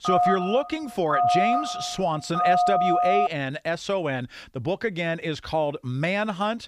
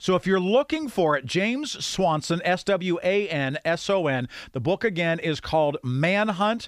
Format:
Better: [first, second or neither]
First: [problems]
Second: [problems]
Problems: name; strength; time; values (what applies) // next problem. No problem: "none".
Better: second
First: phone ringing; loud; until 3.5 s; peak 6 dB above the speech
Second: none